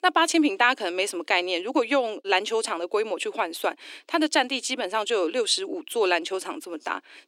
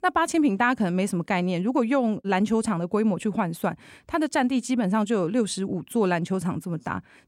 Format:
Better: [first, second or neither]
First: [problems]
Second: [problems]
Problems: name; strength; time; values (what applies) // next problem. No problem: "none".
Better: second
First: thin; somewhat; fading below 300 Hz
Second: none